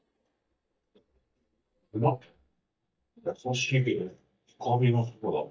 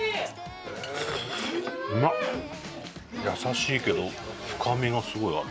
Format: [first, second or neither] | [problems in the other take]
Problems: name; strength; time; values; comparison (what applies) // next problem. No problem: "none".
second | noise reduction (neural mask model DeepFilterNet 3)